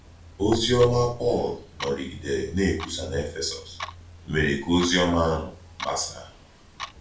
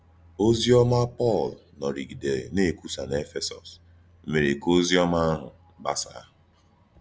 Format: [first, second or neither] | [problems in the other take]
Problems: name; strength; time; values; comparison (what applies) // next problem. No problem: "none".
second | background sound (Clock); 16 dB below the speech // room echo; dies away in 0.4 s